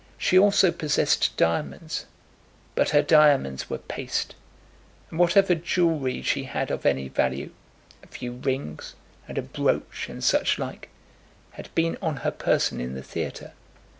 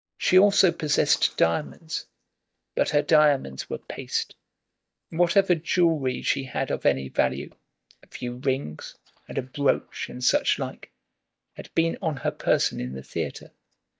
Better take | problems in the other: first | noise reduction (neural mask model DeepFilterNet 3)

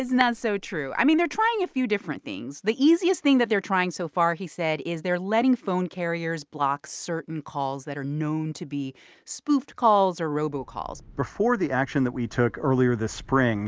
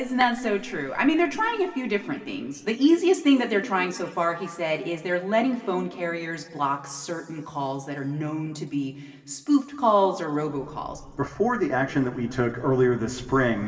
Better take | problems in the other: first | room echo; dies away in 2 s

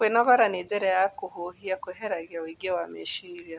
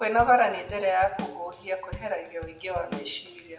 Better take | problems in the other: first | background sound (Drum kit); 14 dB below the speech // room echo; dies away in 0.8 s

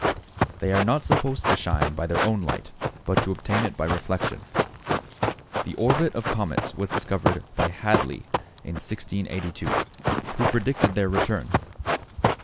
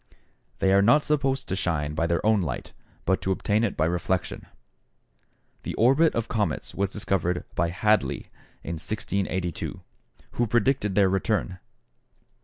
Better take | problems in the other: second | background sound (Run); 1 dB above the speech

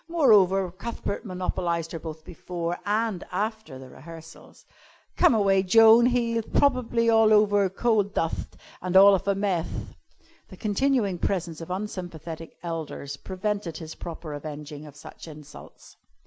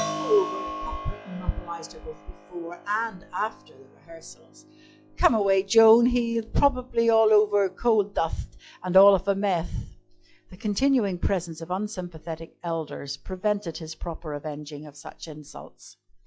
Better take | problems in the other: first | noise reduction (classical method log-MMSE)

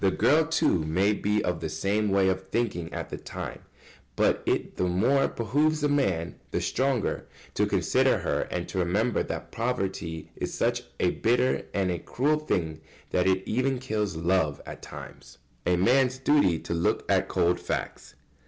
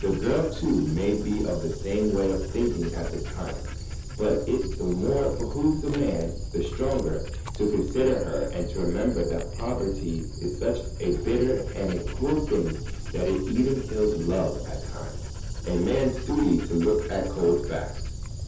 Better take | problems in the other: first | background sound (Dog); 6 dB below the speech // room echo; dies away in 0.5 s

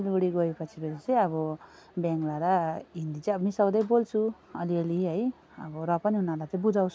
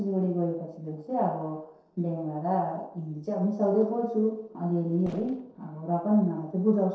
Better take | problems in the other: first | noise reduction (neural separator model SepFormer DNS4)

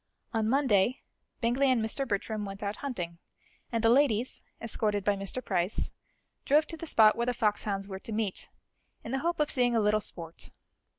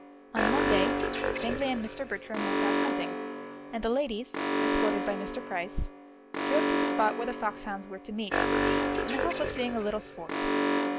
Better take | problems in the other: first | background sound (Alarm); 3 dB above the speech

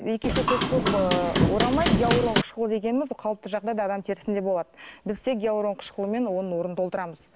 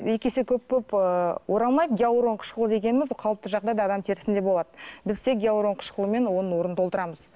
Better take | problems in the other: second | background sound (Hammer / Wood); 3 dB above the speech

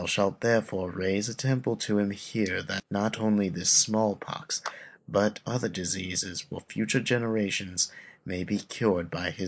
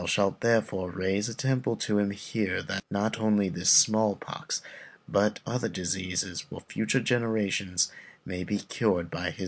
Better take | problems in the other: second | noise reduction (neural mask model Resemble Enhance denoiser)

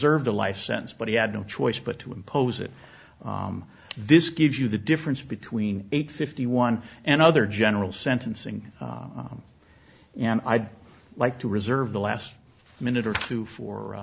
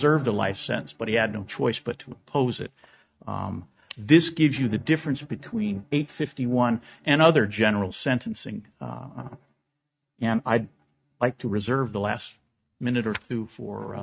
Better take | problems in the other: first | noise reduction (neural mask model RNNoise)

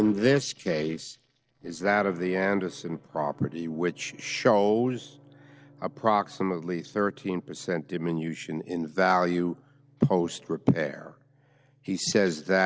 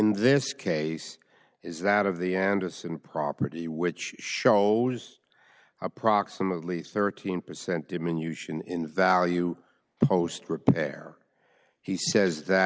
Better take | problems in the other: second | noise reduction (neural separator model SepFormer DNS4)

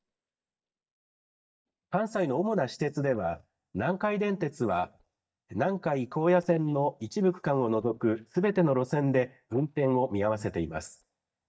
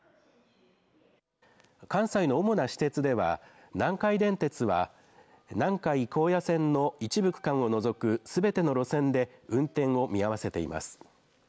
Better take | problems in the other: second | noise reduction (neural mask model DeepFilterNet 3)

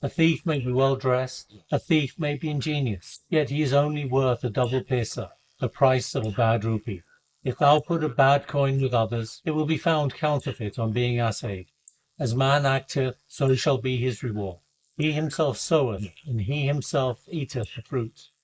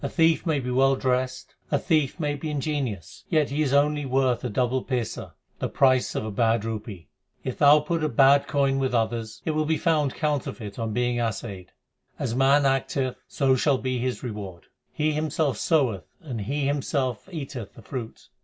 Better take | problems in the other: second | noise reduction (neural mask model Resemble Enhance denoiser)

